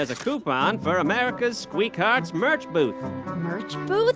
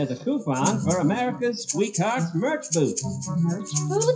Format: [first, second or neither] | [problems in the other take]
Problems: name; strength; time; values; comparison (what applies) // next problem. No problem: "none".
first | noise reduction (classical method WPE with log-MMSE)